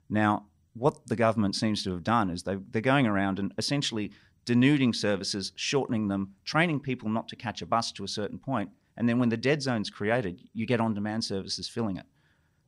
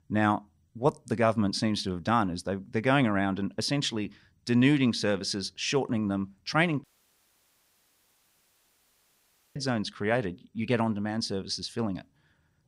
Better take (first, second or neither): first